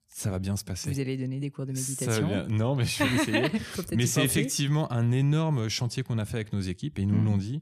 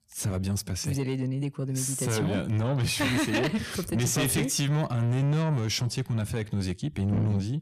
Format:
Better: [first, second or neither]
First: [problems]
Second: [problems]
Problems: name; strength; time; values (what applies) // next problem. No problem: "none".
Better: first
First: none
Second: distortion; slight; 10 dB below the speech